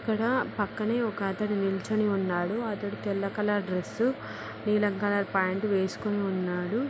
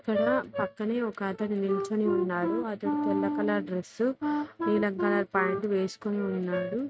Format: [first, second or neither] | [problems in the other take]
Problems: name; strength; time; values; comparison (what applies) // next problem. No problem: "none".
first | noise reduction (neural mask model RNNoise)